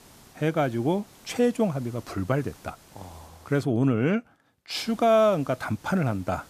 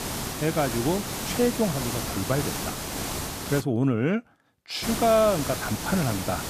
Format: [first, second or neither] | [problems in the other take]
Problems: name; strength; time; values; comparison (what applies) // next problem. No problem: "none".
first | hiss; loud; until 3.5 s and from 5 s on; 5 dB below the speech; faint in the first